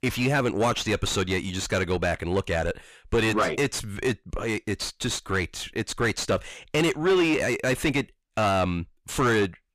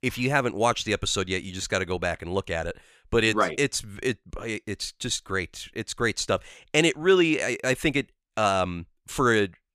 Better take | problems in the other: second | distortion; heavy; 7 dB below the speech

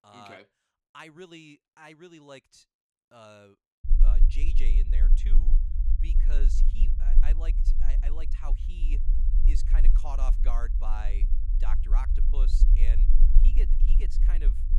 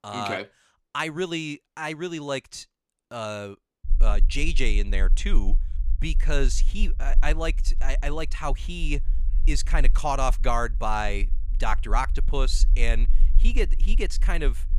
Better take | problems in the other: second | low rumble; loud; from 4 s on; 6 dB below the speech; faint in the second

